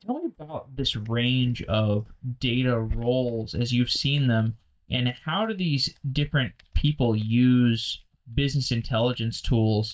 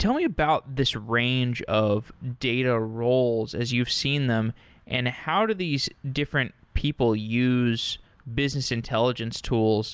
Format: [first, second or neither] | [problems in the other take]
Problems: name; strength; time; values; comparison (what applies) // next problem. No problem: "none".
second | noise reduction (neural mask model DeepFilterNet 3)